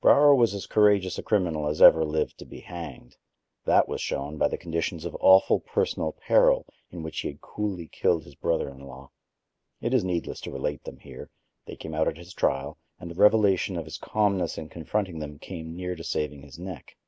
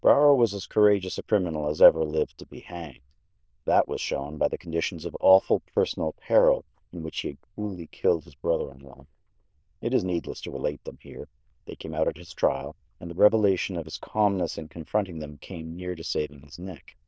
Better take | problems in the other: first | noise reduction (neural diffusion model UNIVERSE++)

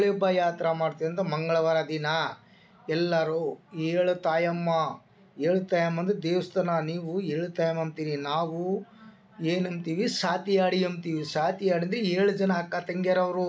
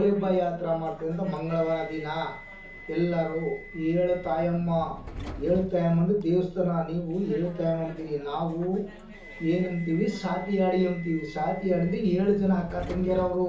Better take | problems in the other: first | background sound (Subway, metro, underground); 16 dB below the speech // room echo; dies away in 0.6 s

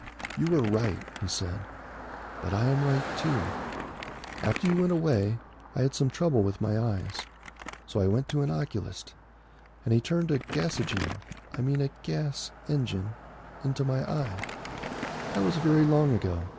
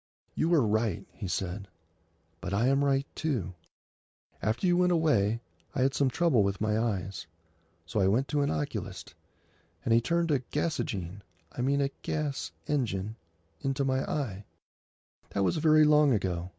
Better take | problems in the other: second | background sound (Crumpling, crinkling + Car passing by); 11 dB below the speech

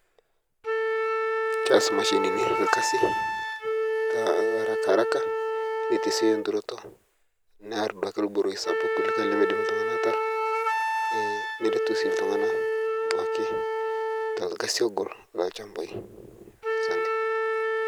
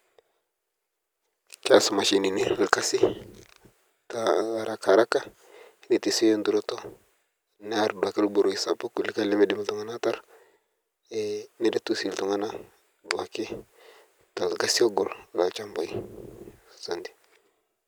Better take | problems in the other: second | background sound (Wind instrument, woodwind instrument); 2 dB above the speech

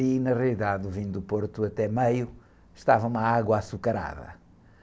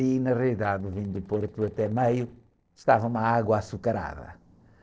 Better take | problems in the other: first | noise reduction (neural separator model SepFormer DNS4)

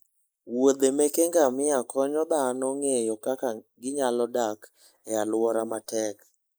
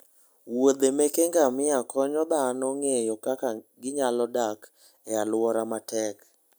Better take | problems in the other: second | noise reduction (neural mask model Resemble Enhance denoiser)

